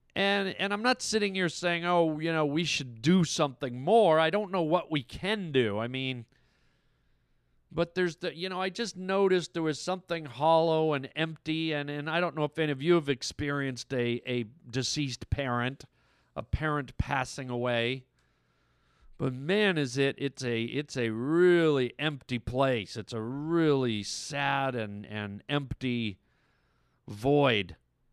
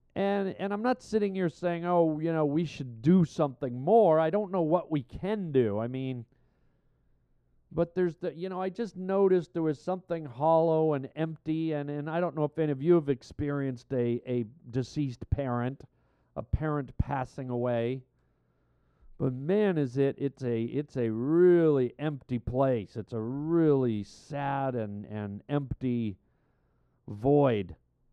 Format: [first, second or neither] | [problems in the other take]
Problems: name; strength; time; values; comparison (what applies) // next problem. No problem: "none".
first | muffled; very; fading above 1.5 kHz